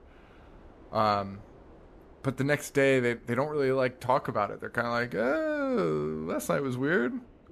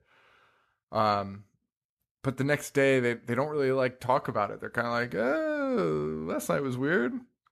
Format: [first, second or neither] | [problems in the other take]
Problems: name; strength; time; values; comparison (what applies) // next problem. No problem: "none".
second | train or aircraft noise; faint; throughout; 25 dB below the speech